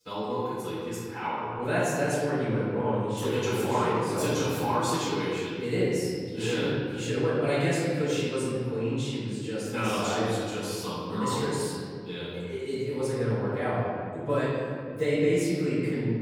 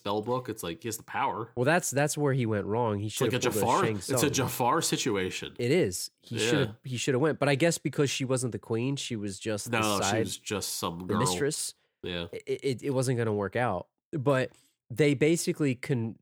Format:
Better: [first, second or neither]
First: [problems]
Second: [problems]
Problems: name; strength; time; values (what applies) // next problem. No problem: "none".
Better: second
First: off-mic speech; far // room echo; strong; dies away in 2 s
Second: none